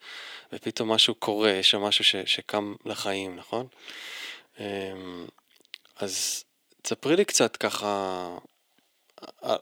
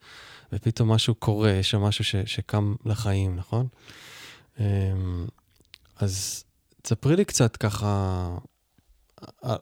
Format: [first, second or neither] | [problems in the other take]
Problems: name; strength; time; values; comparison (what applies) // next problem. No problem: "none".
second | thin; very; fading below 300 Hz